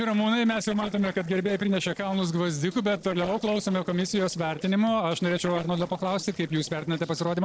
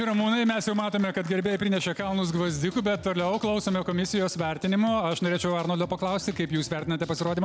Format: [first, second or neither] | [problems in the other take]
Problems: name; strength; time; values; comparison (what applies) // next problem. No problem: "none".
second | noise reduction (neural separator model SepFormer DNS4)